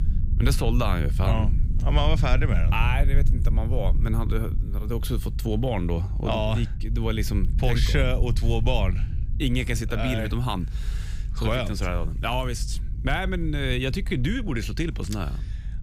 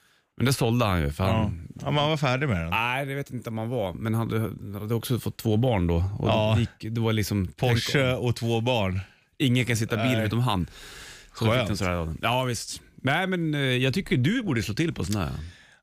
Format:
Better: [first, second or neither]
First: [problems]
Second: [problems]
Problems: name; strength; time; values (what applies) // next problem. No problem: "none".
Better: second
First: low rumble; noticeable; throughout; 15 dB below the speech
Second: none